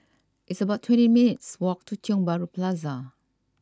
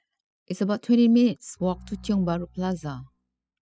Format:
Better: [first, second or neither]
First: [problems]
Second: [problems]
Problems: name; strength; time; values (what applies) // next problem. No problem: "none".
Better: first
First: none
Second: noise reduction (classical method spectral subtraction)